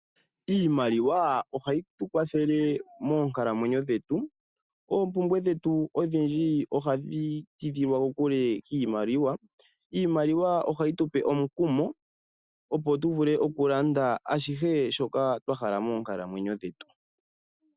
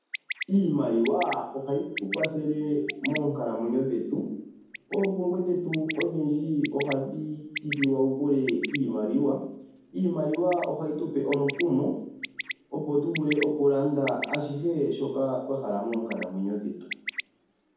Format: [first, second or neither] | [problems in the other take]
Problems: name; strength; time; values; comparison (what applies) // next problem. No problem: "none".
first | background sound (Bird); 12 dB below the speech // room echo; dies away in 1.2 s